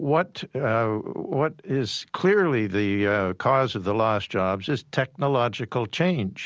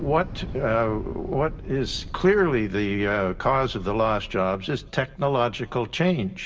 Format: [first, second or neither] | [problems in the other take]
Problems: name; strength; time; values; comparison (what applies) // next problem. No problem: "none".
first | background sound (Thunder / Explosion); 14 dB below the speech // room echo; dies away in 0.5 s